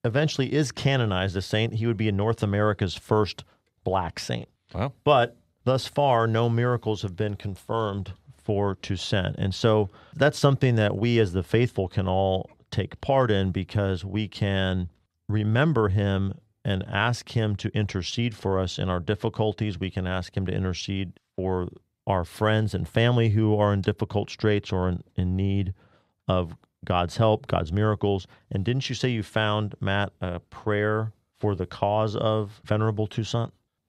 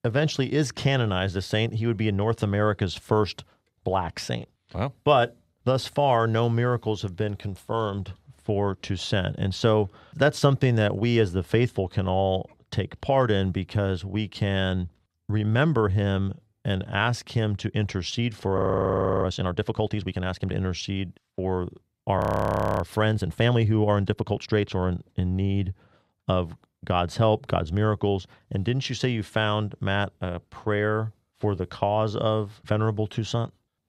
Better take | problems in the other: first | audio freezing; at 19 s for 0.5 s and at 22 s for 0.5 s

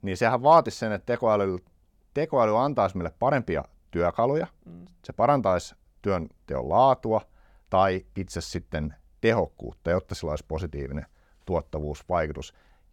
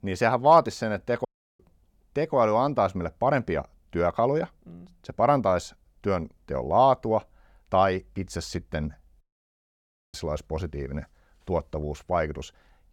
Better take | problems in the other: first | audio cutting out; at 1.5 s and at 9 s for 1 s

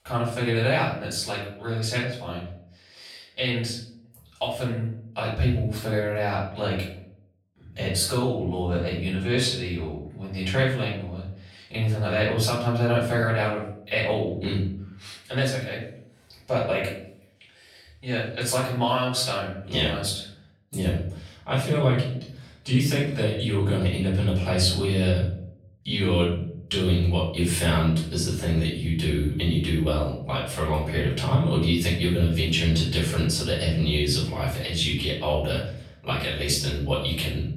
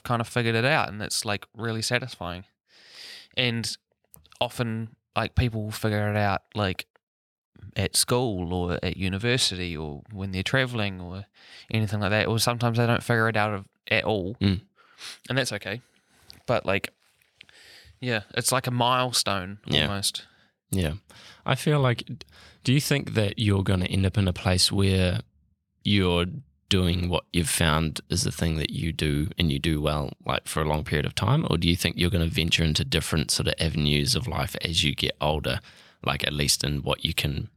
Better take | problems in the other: second | off-mic speech; far // room echo; noticeable; dies away in 0.6 s

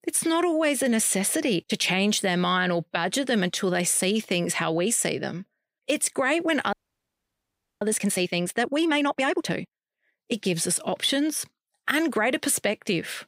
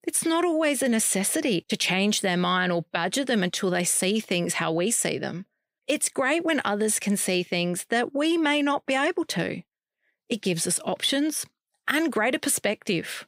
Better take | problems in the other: second | audio freezing; at 6.5 s for 1 s

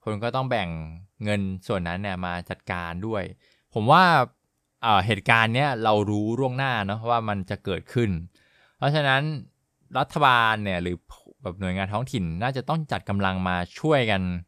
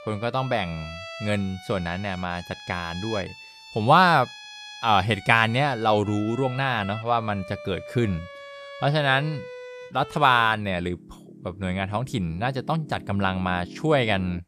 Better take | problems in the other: first | background music; noticeable; throughout; 15 dB below the speech

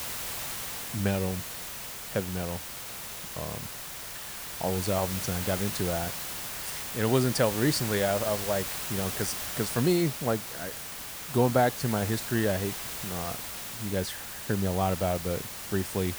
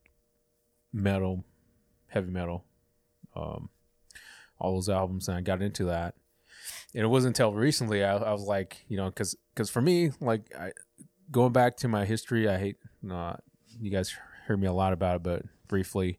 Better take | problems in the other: second | hiss; loud; throughout; 5 dB below the speech

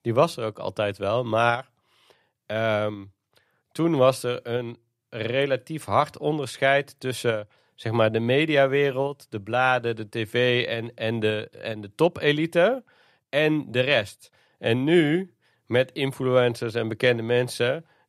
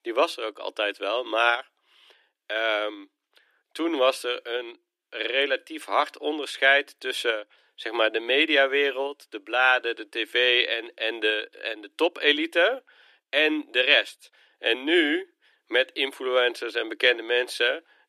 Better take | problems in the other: first | thin; somewhat; fading below 300 Hz

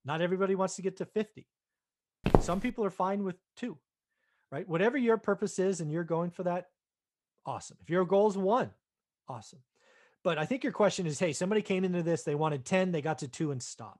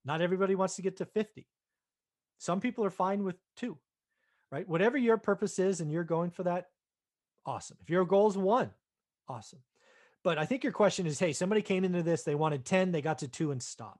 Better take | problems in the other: second | footsteps; loud; at 2.5 s; peak 3 dB above the speech

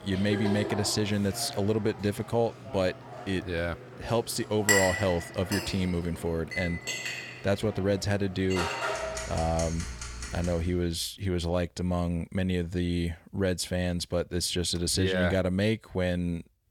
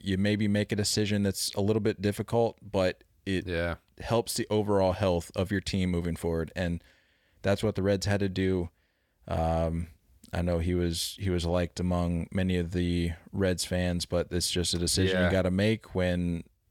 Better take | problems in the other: second | household noises; loud; until 10 s; 5 dB below the speech

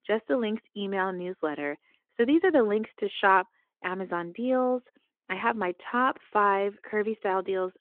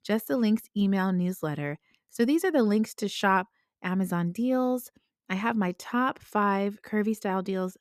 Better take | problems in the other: second | phone-call audio; nothing above 3.5 kHz

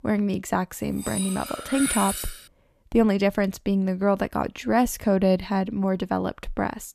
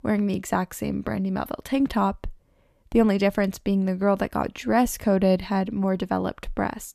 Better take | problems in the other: second | clattering dishes; noticeable; from 1 to 2.5 s; peak 1 dB below the speech

